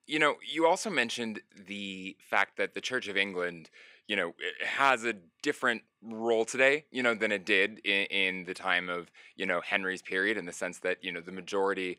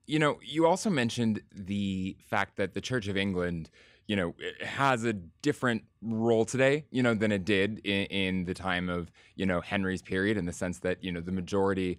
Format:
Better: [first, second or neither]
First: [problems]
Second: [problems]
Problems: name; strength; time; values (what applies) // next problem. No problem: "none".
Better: second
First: thin; somewhat; fading below 350 Hz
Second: none